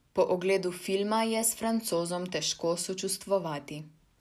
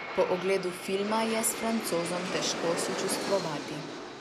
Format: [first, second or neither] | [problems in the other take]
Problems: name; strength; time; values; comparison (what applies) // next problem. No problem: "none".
first | background sound (Aircraft); 5 dB below the speech